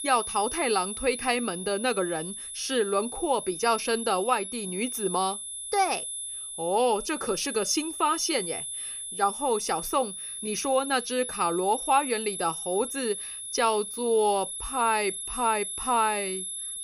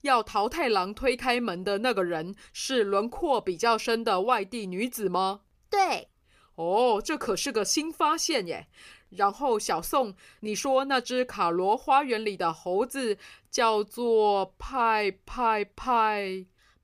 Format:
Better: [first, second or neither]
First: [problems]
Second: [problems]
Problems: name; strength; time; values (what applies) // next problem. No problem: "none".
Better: second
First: high-pitched whine; loud; throughout; 11 kHz, 6 dB below the speech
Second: none